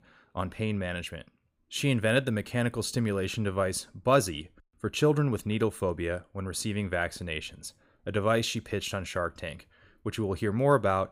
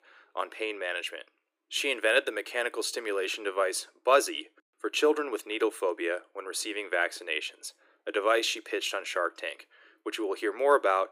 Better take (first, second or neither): first